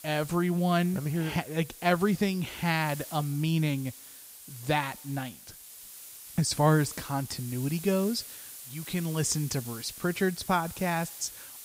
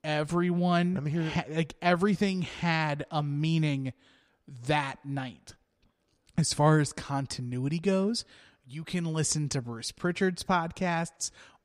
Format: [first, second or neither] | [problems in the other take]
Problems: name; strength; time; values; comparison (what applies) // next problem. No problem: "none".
second | hiss; noticeable; throughout; 15 dB below the speech